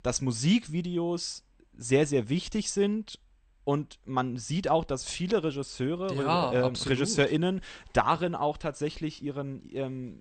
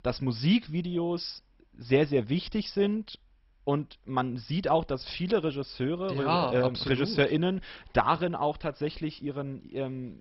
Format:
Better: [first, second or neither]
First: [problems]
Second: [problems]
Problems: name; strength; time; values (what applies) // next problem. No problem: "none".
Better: first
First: garbled, watery; slightly; nothing above 8.5 kHz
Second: garbled, watery; badly; nothing above 5.5 kHz